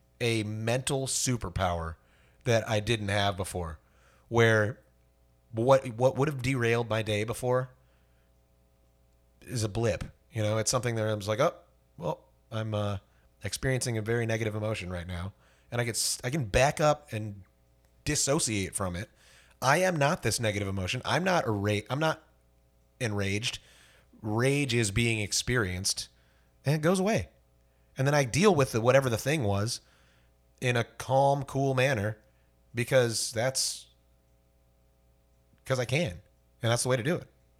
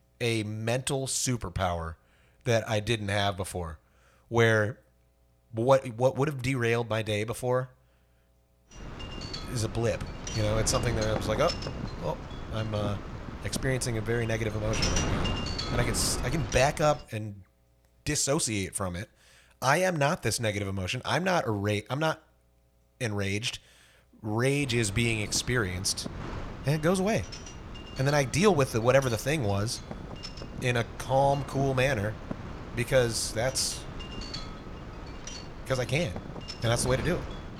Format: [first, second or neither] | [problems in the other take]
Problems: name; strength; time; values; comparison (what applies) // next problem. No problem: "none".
first | wind noise on the microphone; occasional gusts; from 9 to 17 s and from 25 s on; 10 dB below the speech